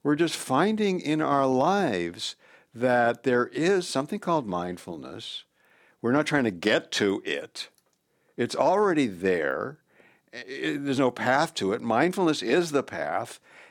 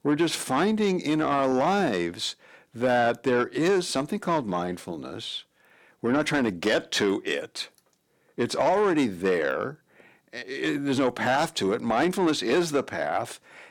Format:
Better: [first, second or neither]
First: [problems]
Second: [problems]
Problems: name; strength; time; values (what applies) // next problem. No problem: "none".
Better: first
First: none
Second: distortion; slight; 10 dB below the speech